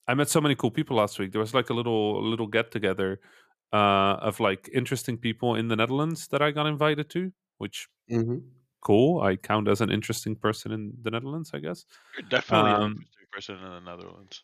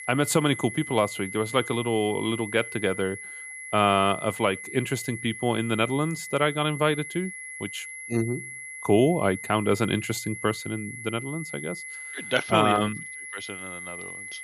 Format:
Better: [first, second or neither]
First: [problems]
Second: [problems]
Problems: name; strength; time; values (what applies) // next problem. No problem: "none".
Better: first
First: none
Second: high-pitched whine; noticeable; throughout; 2 kHz, 10 dB below the speech